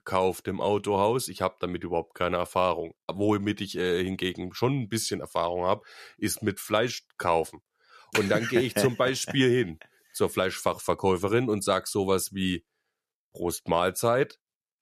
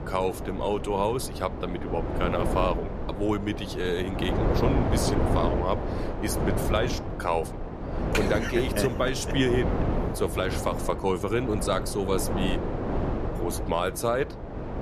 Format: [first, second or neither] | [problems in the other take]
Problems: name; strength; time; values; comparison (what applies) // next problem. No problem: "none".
first | wind noise on the microphone; heavy; 4 dB below the speech